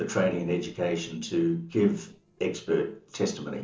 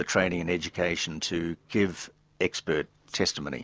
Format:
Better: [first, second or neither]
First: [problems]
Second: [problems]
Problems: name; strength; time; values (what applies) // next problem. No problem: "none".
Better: second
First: noise reduction (neural separator model SepFormer DNS4)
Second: none